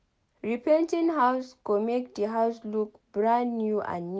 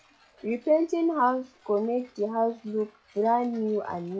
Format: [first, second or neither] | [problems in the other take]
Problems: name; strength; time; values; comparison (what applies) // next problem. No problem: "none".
first | noise reduction (classical method log-MMSE)